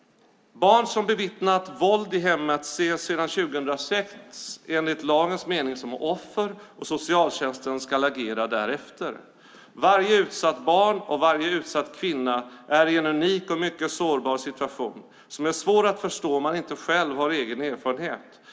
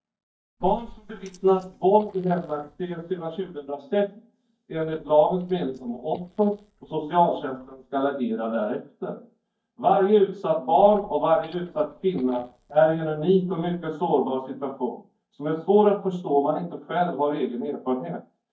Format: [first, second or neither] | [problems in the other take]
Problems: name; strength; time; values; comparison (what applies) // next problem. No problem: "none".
first | noise reduction (neural mask model DeepFilterNet 3)